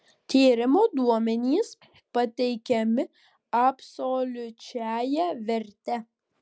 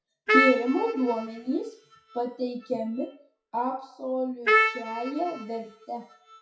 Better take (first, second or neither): first